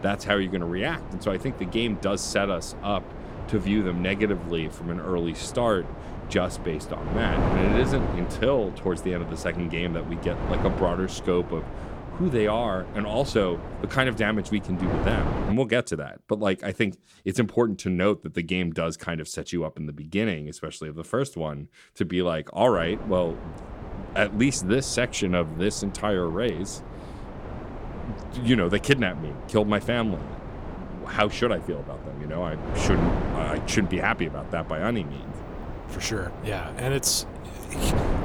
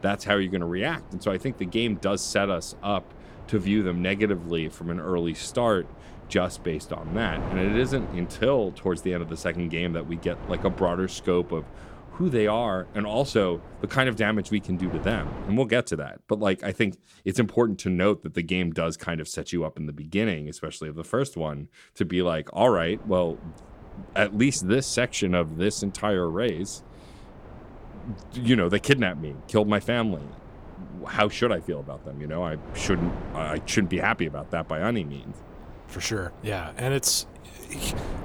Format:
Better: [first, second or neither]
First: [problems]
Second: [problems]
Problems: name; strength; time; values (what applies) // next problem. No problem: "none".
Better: second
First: wind noise on the microphone; heavy; until 16 s and from 23 s on; 9 dB below the speech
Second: wind noise on the microphone; occasional gusts; until 16 s and from 23 s on; 20 dB below the speech